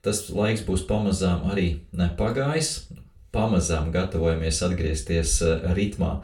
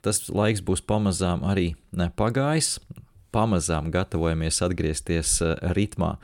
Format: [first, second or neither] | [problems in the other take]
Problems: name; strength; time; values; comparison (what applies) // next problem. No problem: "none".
second | room echo; very slight; dies away in 0.3 s // off-mic speech; far